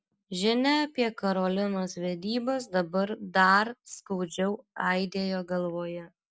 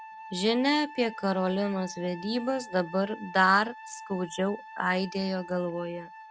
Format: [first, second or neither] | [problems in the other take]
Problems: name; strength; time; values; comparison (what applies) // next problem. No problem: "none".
first | background sound (Wind instrument, woodwind instrument); 16 dB below the speech